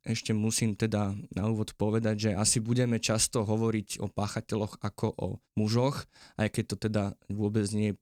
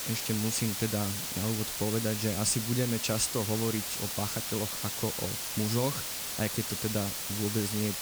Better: first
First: none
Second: hiss; loud; throughout; as loud as the speech

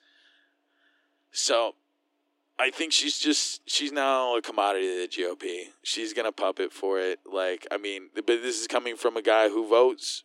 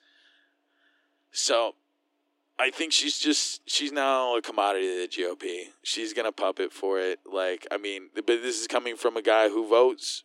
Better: neither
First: thin; somewhat; fading below 300 Hz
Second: thin; somewhat; fading below 300 Hz

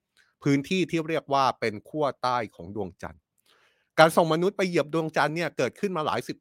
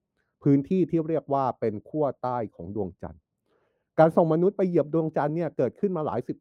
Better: first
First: none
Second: muffled; very; fading above 1.5 kHz

